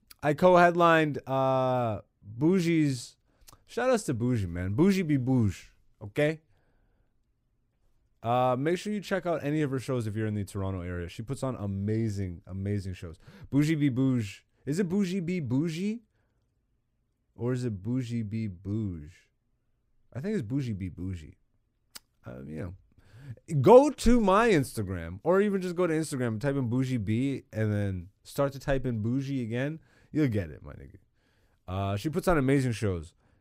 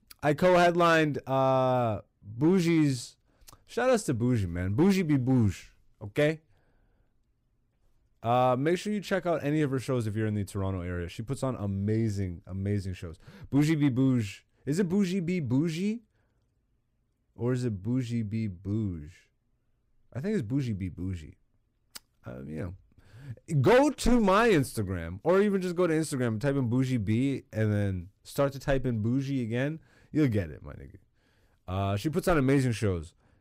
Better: first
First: none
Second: distortion; slight; 1.7% of the sound clipped

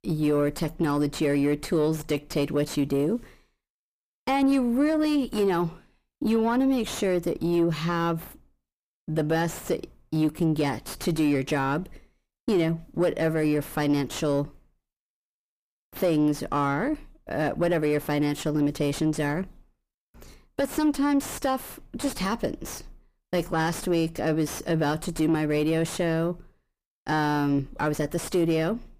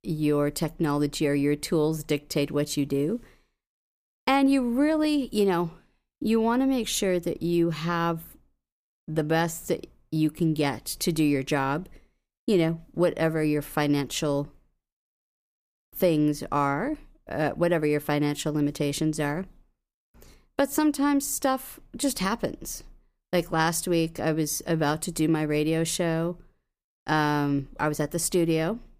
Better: second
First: distortion; slight; 9 dB below the speech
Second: none

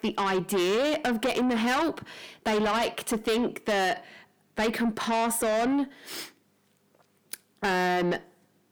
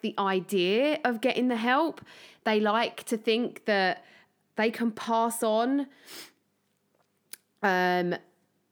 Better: second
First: distortion; heavy; 6 dB below the speech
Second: none

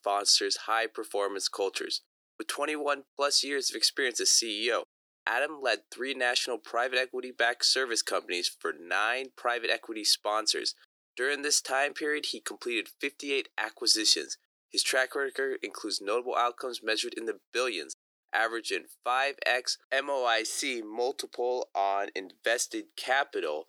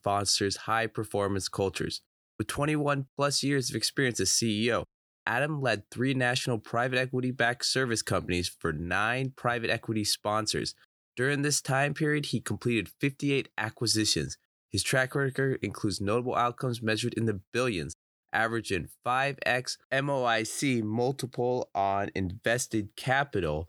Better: second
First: thin; very; fading below 350 Hz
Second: none

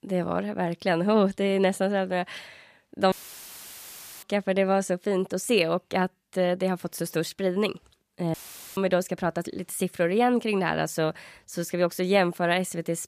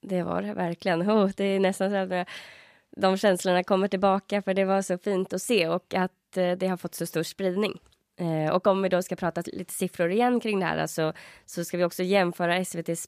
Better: second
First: audio cutting out; filled with static; at 3 s for 1 s and at 8.5 s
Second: none

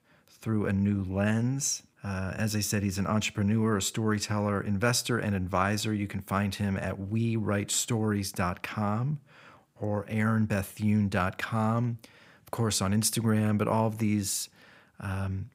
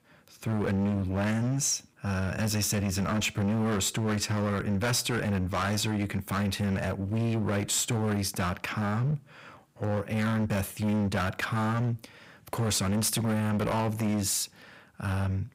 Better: first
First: none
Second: distortion; heavy; 21% of the sound clipped

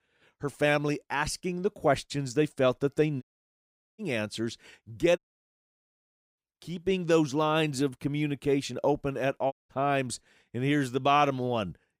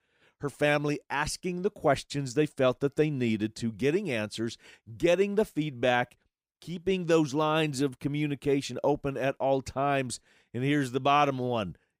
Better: second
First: audio cutting out; at 3 s for 1 s, at 5 s for 1 s and at 9.5 s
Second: none

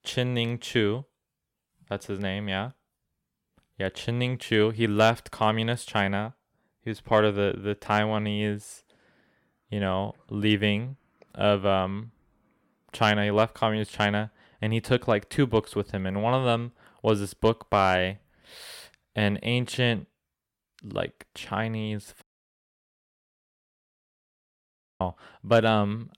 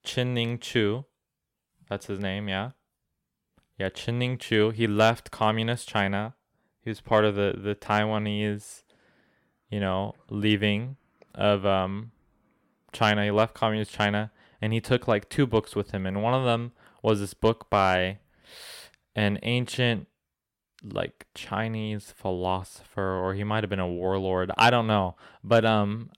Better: second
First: audio cutting out; at 22 s for 3 s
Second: none

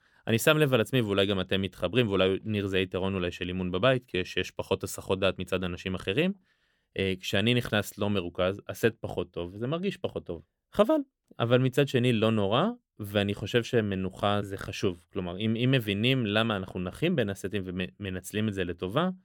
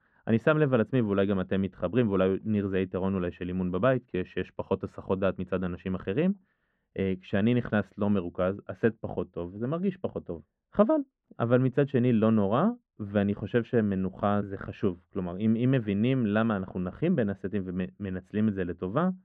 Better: first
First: none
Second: muffled; very; fading above 1.5 kHz

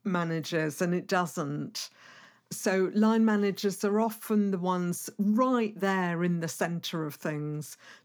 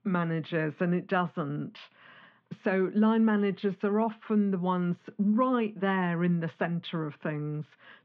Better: first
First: none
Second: muffled; very; fading above 3 kHz

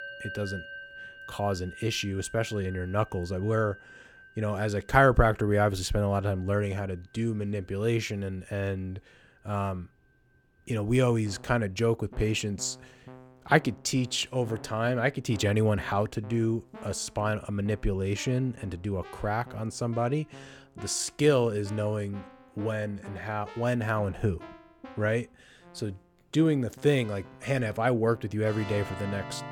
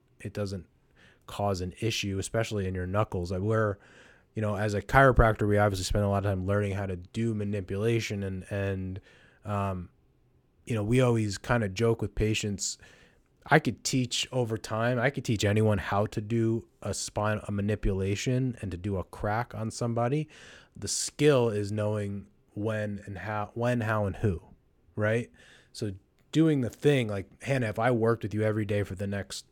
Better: second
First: background music; noticeable; throughout; 20 dB below the speech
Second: none

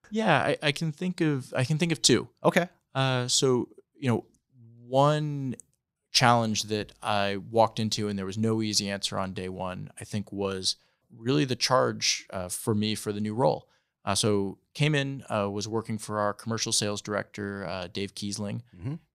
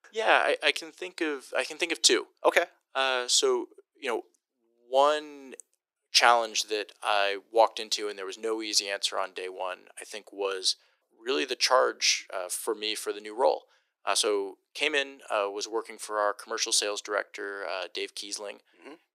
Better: first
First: none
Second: thin; very; fading below 350 Hz

